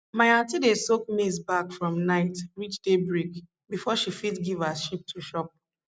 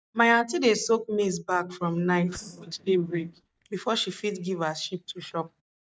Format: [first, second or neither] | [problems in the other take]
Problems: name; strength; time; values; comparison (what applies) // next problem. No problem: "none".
first | noise reduction (neural mask model DeepFilterNet 3)